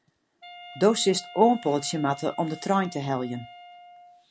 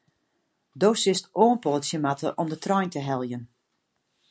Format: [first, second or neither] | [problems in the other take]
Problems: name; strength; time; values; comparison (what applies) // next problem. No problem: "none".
second | background sound (Wind instrument, woodwind instrument); 19 dB below the speech